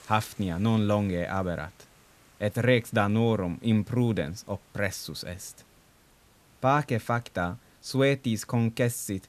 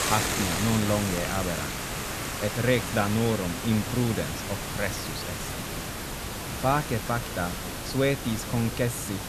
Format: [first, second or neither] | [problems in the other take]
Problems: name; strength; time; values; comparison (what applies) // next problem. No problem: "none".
first | hiss; loud; throughout; 3 dB below the speech; faint in the first